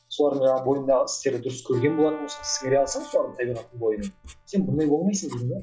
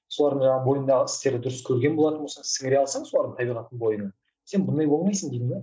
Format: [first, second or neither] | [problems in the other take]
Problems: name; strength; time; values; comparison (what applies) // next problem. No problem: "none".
second | noise reduction (classical method log-MMSE)